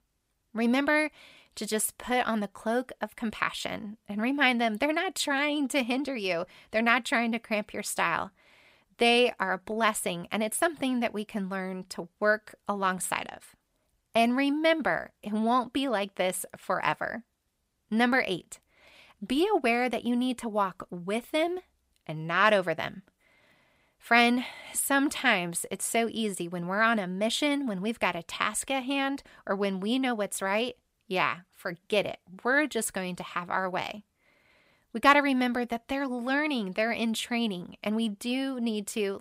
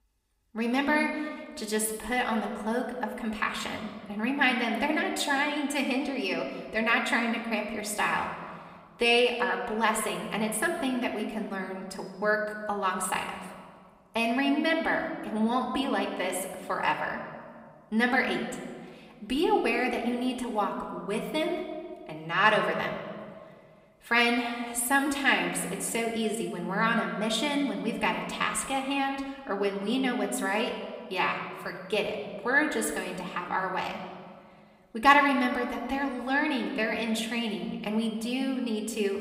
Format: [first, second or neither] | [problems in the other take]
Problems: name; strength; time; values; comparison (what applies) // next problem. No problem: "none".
first | room echo; slight; dies away in 1.5 s // off-mic speech; somewhat distant